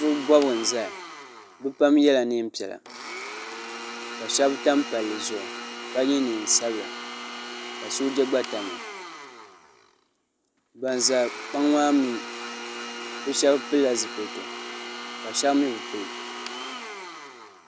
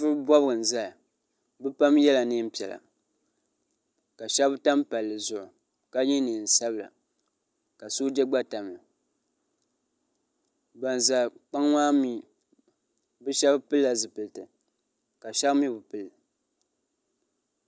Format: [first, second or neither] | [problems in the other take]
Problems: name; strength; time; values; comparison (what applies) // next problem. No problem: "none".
second | background sound (Domestic sounds, home sounds); 10 dB below the speech